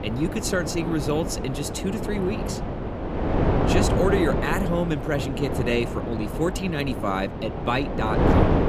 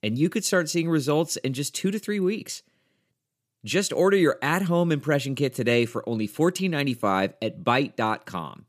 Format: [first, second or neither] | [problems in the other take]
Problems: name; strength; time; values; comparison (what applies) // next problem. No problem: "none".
second | wind noise on the microphone; heavy; 2 dB below the speech